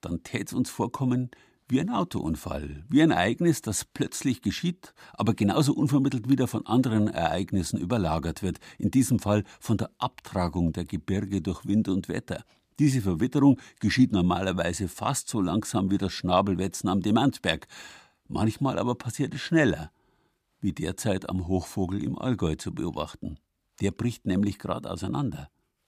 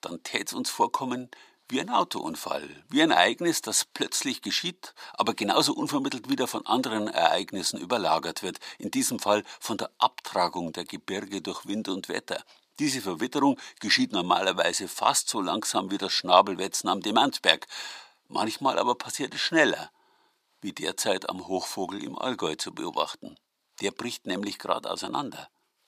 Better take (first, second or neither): first